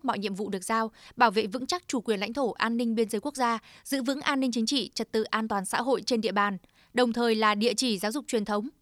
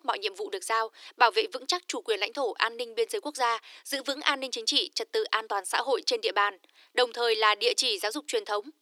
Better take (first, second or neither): first